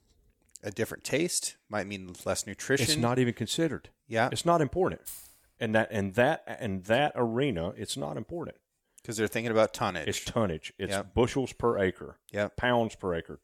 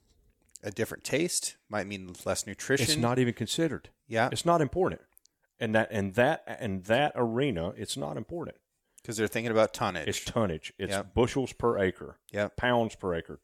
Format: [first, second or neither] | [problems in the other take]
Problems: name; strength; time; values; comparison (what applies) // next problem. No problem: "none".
second | jangling keys; faint; at 5 s; peak 15 dB below the speech